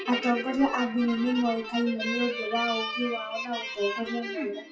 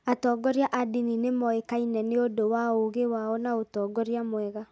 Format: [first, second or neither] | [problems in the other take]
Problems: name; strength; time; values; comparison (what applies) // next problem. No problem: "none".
second | noise reduction (classical method WPE with log-MMSE)